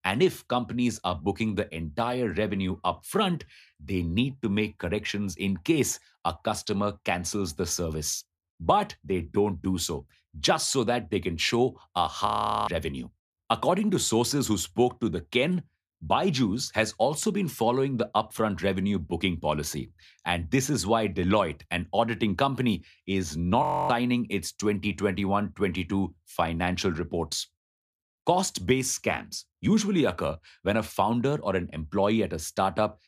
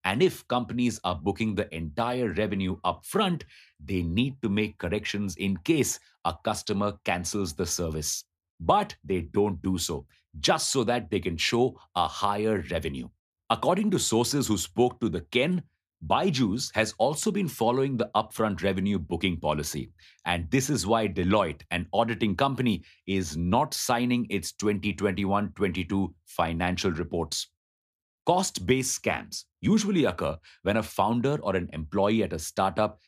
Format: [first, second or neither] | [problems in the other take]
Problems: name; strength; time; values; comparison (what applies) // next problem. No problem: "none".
second | audio freezing; at 12 s and at 24 s